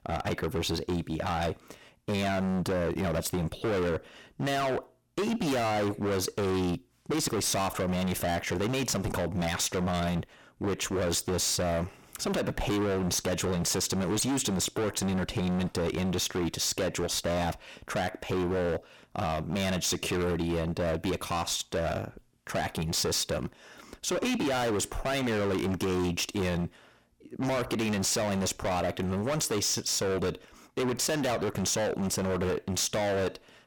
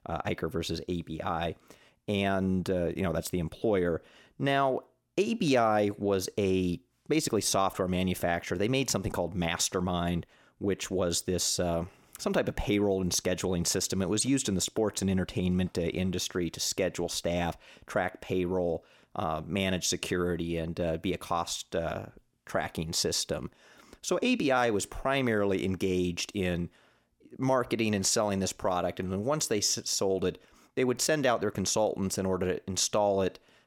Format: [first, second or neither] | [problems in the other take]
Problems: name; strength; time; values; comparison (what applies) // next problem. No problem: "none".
second | distortion; heavy; 29% of the sound clipped